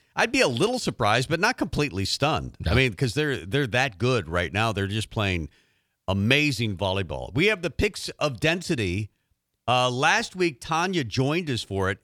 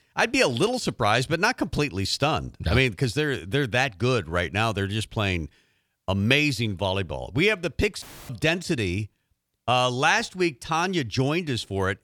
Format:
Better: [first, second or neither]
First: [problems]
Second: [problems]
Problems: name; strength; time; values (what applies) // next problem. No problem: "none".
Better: first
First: none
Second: audio cutting out; filled with static; at 8 s